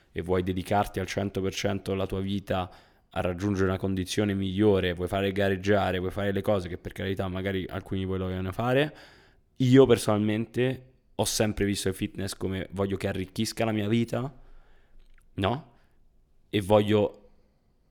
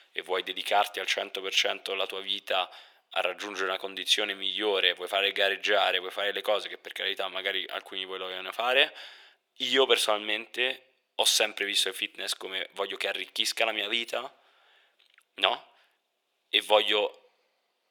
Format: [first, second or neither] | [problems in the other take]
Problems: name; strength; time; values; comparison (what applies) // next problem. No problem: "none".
first | thin; very; fading below 550 Hz